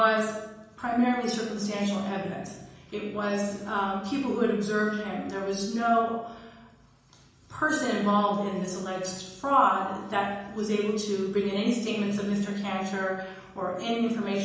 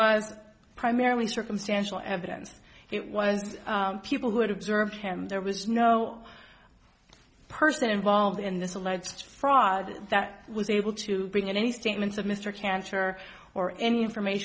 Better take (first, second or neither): second